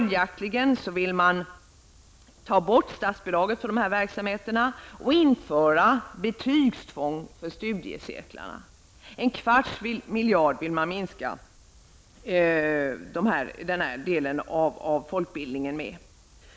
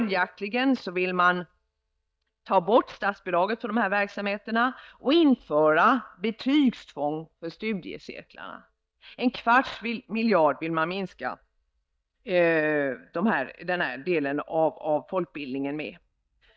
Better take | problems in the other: first | noise reduction (neural mask model DeepFilterNet 3)

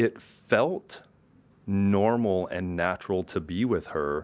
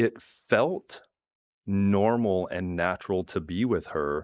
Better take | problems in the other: first | noise reduction (neural mask model Resemble Enhance denoiser)

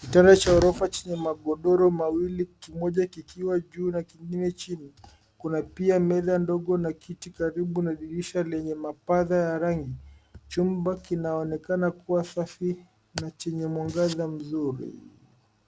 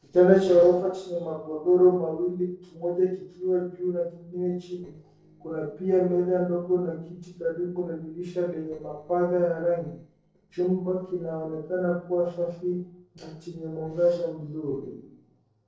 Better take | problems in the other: first | noise reduction (neural separator model SepFormer DNS4)

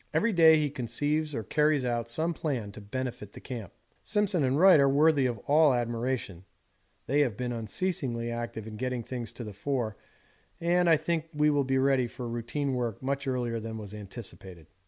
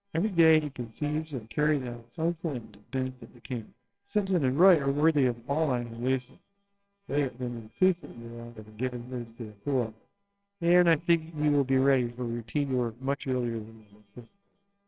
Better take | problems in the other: first | noise reduction (neural separator model SepFormer WHAMR!)

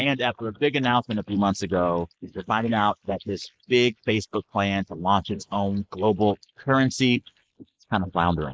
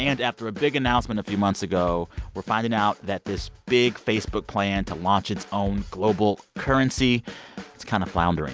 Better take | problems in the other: second | noise reduction (neural mask model Resemble Enhance denoiser)

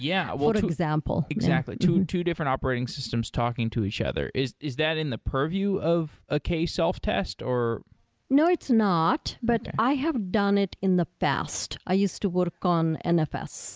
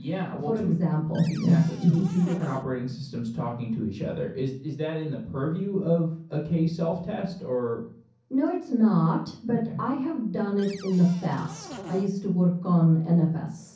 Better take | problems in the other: first | background sound (Cupboard open or close); 17 dB below the speech // room echo; dies away in 0.6 s

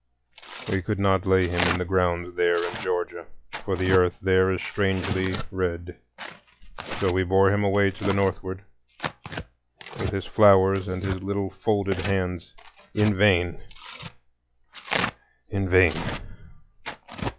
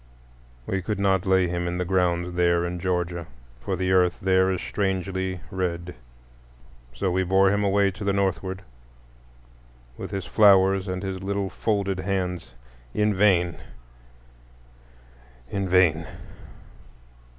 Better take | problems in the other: second | noise reduction (classical method log-MMSE)

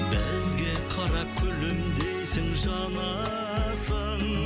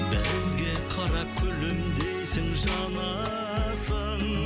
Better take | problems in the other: first | background sound (Tambourine); 14 dB below the speech

